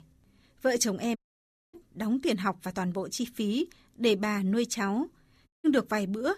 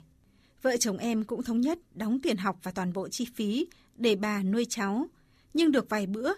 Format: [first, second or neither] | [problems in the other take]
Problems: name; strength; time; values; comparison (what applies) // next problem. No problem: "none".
second | audio cutting out; at 1 s for 0.5 s and at 5.5 s